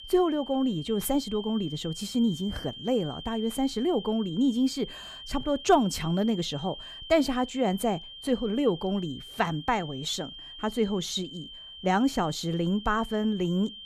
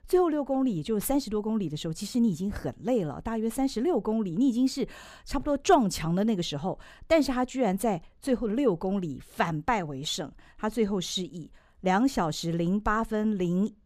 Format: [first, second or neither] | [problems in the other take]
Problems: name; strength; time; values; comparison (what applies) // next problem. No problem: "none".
second | high-pitched whine; noticeable; throughout; 3 kHz, 15 dB below the speech